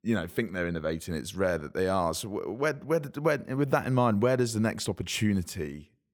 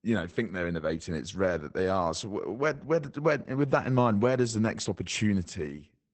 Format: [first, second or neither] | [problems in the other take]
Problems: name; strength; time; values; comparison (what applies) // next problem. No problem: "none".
first | garbled, watery; badly; nothing above 8 kHz